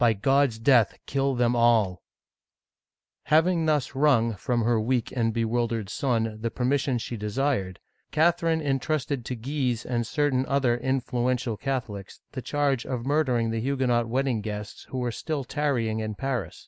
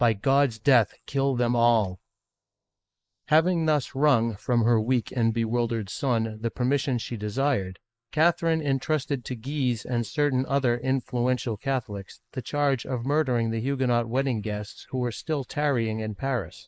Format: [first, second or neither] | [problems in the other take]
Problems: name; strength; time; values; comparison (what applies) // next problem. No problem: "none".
first | noise reduction (neural mask model Resemble Enhance denoiser)